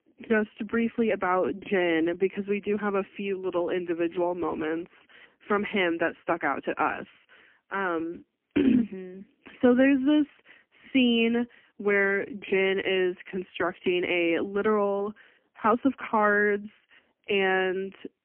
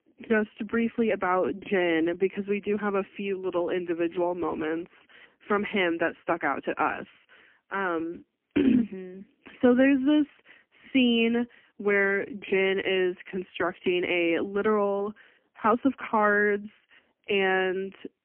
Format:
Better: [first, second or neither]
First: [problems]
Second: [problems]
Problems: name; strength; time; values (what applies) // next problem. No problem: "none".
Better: neither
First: phone-call audio; poor line; nothing above 3 kHz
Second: phone-call audio; poor line; nothing above 3 kHz